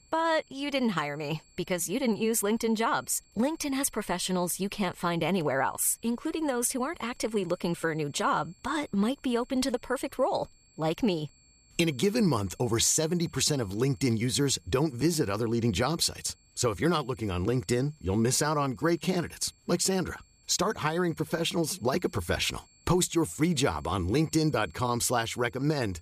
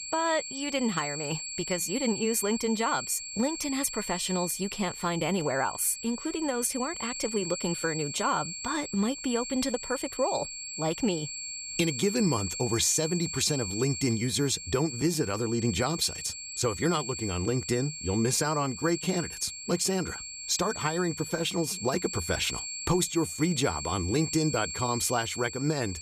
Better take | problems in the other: first | high-pitched whine; loud; throughout; 7.5 kHz, 6 dB below the speech; faint in the first

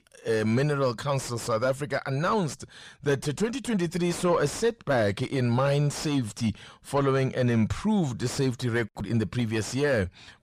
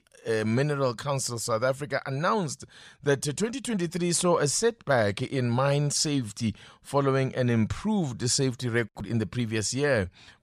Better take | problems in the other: second | distortion; slight; 10 dB below the speech

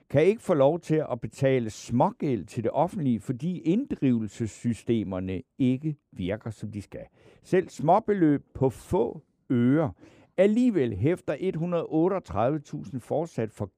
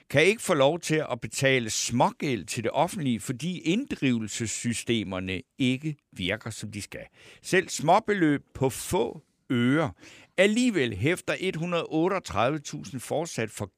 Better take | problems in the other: second | muffled; slightly; fading above 1.5 kHz

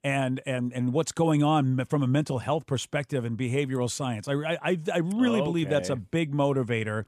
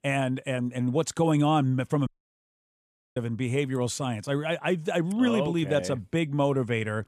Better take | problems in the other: first | audio cutting out; at 2 s for 1 s

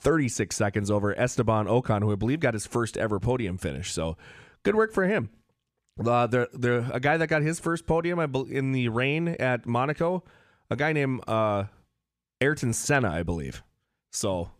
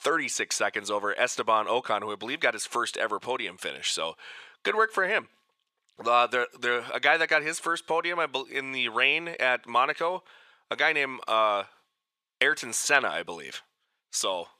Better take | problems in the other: first | thin; very; fading below 600 Hz

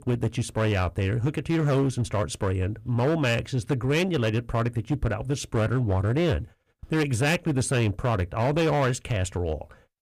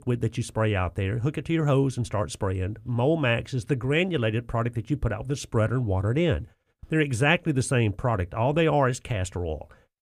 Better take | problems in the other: second | distortion; slight; 14% of the sound clipped

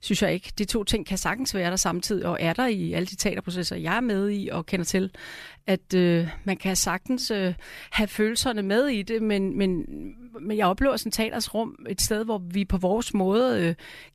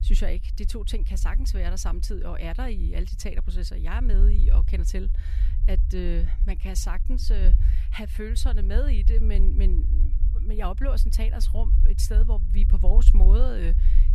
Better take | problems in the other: first | low rumble; loud; throughout; 10 dB below the speech

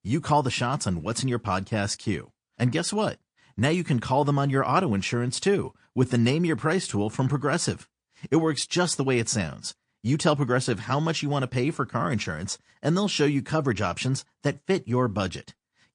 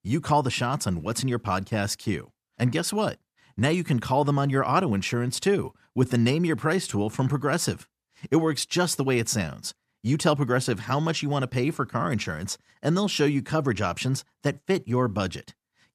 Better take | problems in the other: second | garbled, watery; slightly; nothing above 8.5 kHz

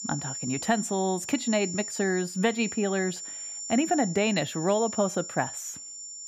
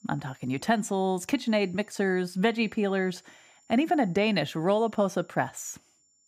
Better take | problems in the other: second | high-pitched whine; loud; throughout; 7 kHz, 7 dB below the speech; faint in the second

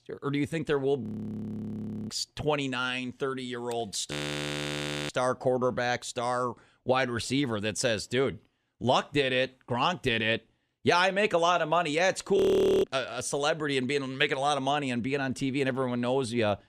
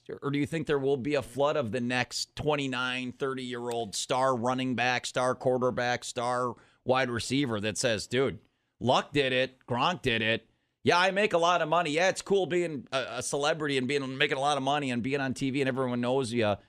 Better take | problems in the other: second | audio freezing; at 1 s for 1 s, at 4 s for 1 s and at 12 s

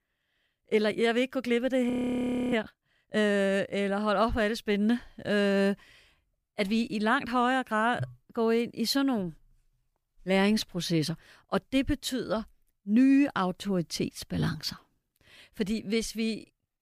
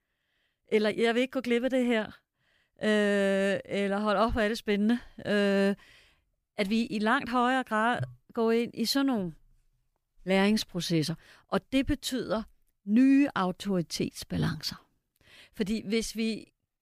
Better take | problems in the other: second | audio freezing; at 2 s for 0.5 s

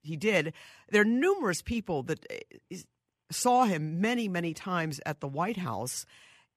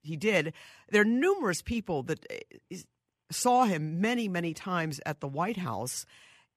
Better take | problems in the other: neither | none

